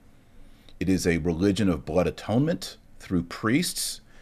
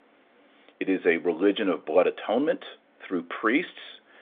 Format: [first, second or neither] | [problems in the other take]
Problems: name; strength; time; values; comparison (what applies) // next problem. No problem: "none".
first | phone-call audio; nothing above 3.5 kHz